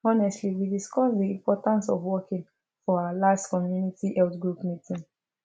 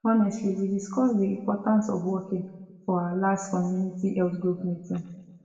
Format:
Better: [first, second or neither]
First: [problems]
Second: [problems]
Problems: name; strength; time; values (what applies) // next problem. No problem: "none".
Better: first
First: none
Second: room echo; dies away in 1.1 s